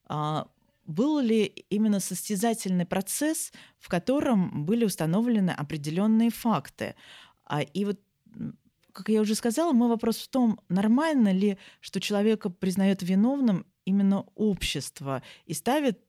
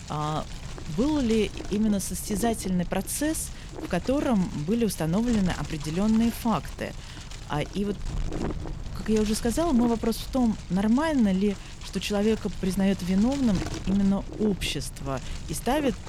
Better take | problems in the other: first | wind noise on the microphone; occasional gusts; 10 dB below the speech

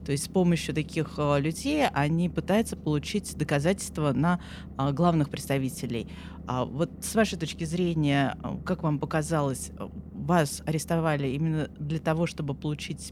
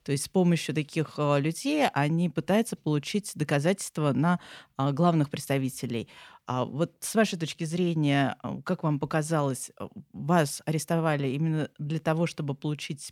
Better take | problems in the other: second | low rumble; faint; throughout; 20 dB below the speech

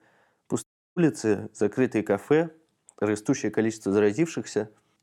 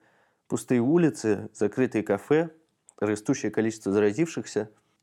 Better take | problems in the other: second | audio cutting out; at 0.5 s

